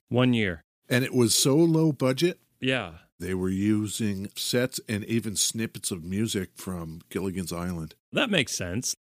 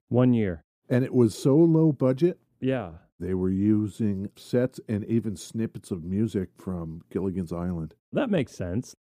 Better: first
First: none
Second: muffled; very; fading above 1.5 kHz

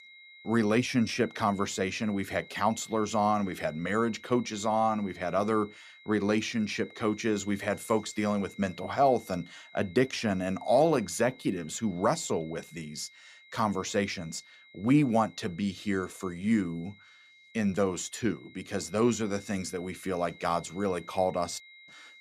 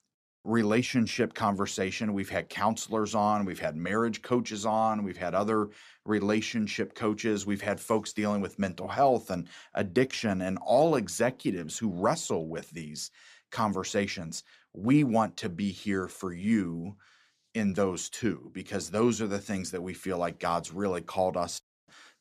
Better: second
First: high-pitched whine; faint; throughout; 2 kHz, 20 dB below the speech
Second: none

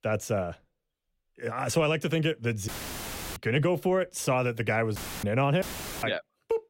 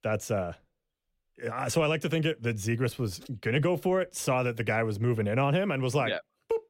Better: second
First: audio cutting out; filled with static; at 2.5 s for 0.5 s, at 5 s and at 5.5 s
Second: none

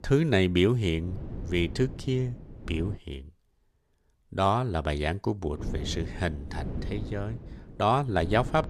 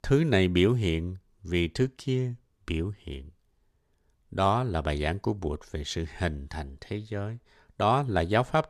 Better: second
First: wind noise on the microphone; occasional gusts; until 3 s and from 5.5 s on; 20 dB below the speech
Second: none

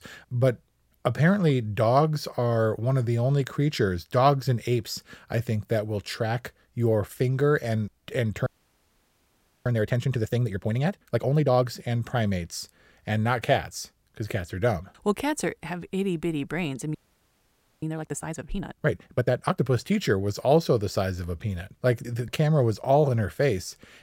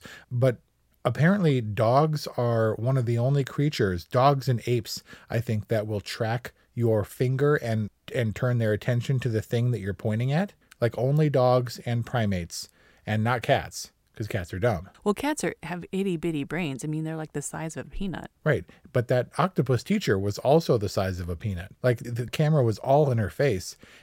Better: second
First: audio freezing; at 8.5 s for 1 s and at 17 s for 1 s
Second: none

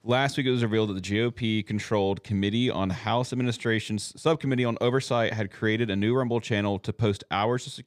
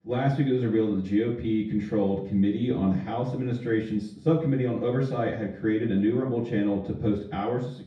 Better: first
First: none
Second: room echo; noticeable; dies away in 0.6 s // off-mic speech; far

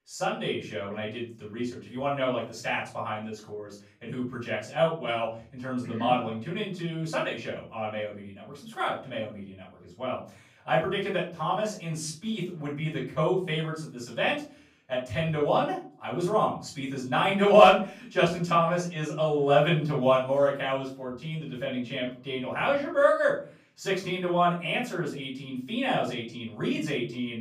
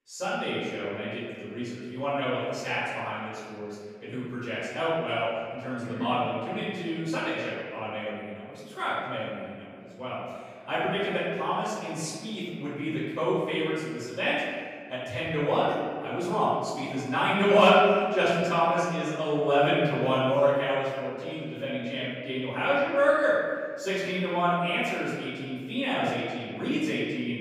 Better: first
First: room echo; slight; dies away in 0.5 s // off-mic speech; far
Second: room echo; strong; dies away in 1.8 s // off-mic speech; far

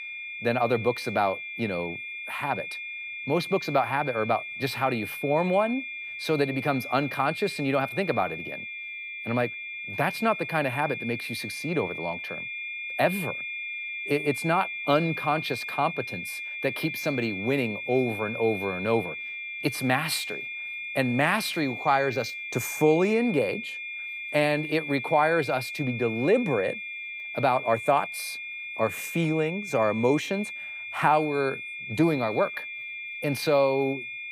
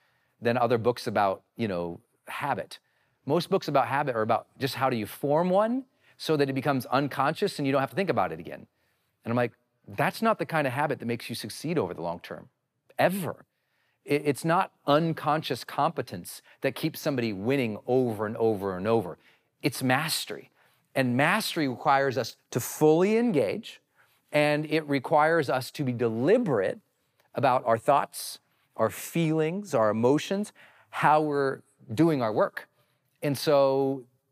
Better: second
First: high-pitched whine; loud; throughout; 2.5 kHz, 7 dB below the speech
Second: none

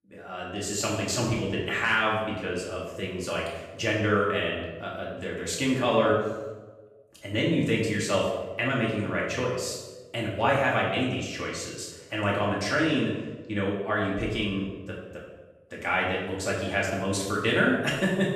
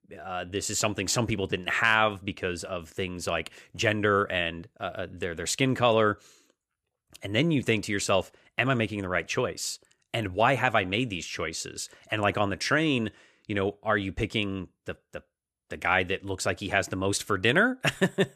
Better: second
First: off-mic speech; far // room echo; noticeable; dies away in 0.9 s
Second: none

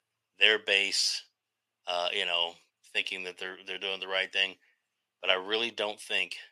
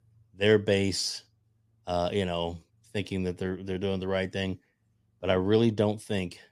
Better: second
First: thin; very; fading below 750 Hz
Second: none

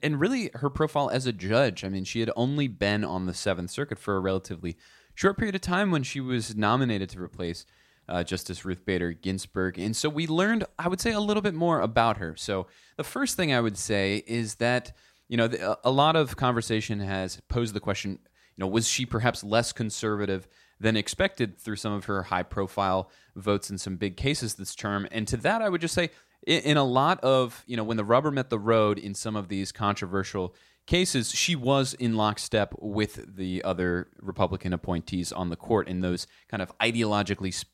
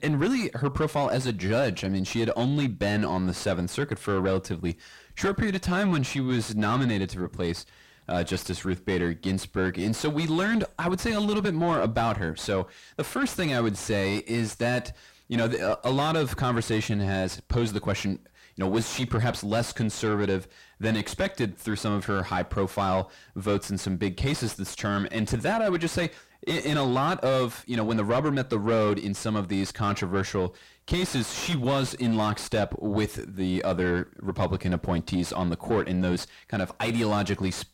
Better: first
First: none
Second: distortion; heavy; 6 dB below the speech

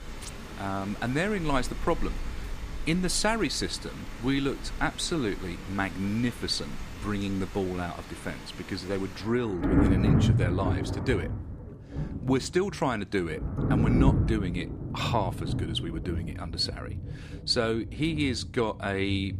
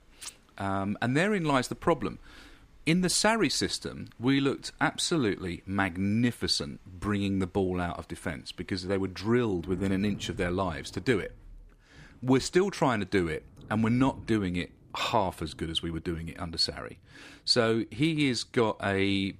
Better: second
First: rain or running water; loud; throughout; 2 dB below the speech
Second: rain or running water; faint; throughout; 25 dB below the speech

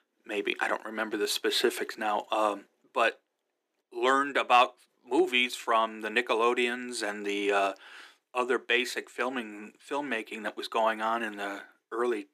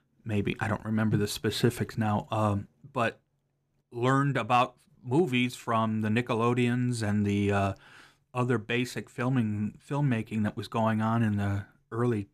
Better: second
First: thin; very; fading below 300 Hz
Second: none

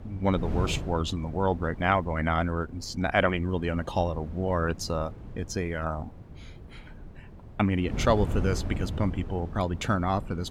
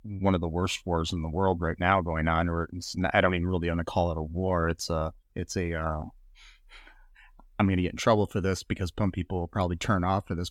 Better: second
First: wind noise on the microphone; occasional gusts; 15 dB below the speech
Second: none

